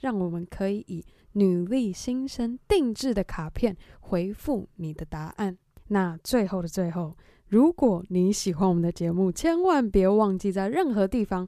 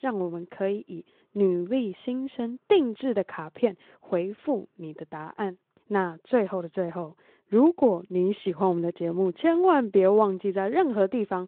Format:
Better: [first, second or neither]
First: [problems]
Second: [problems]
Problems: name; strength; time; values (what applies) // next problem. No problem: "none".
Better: first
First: none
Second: phone-call audio